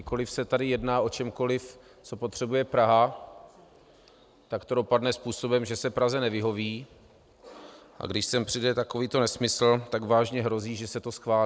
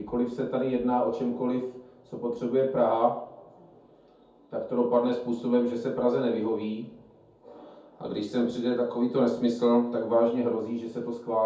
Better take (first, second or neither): first